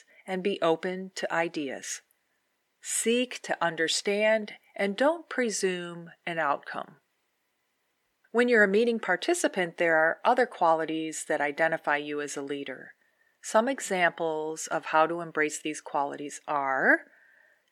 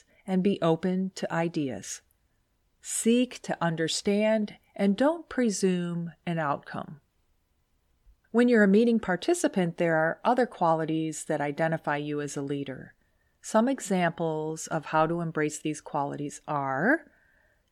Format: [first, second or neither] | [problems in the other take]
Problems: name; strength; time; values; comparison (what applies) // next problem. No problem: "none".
second | thin; somewhat; fading below 350 Hz